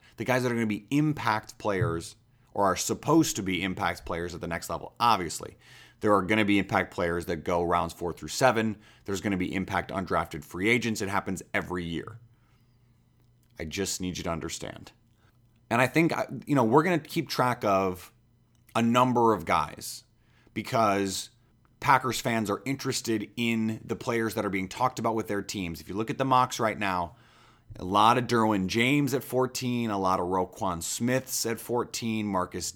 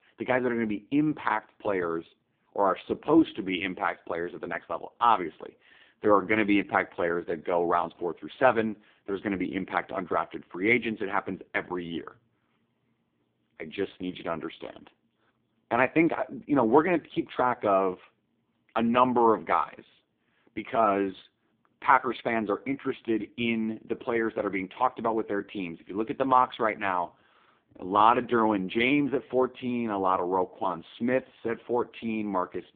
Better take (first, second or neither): first